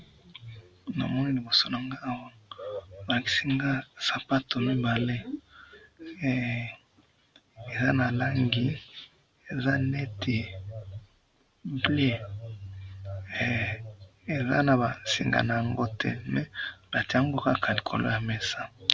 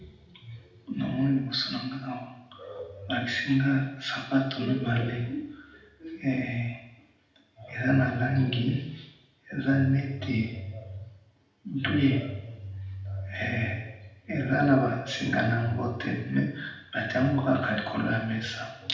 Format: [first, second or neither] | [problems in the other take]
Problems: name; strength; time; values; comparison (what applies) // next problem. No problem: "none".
first | room echo; dies away in 0.8 s